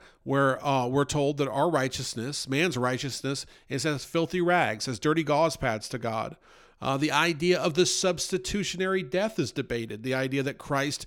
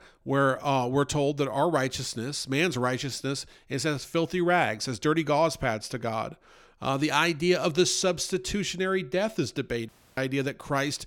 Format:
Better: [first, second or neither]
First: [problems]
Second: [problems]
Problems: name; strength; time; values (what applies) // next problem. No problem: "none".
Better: first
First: none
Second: audio cutting out; at 10 s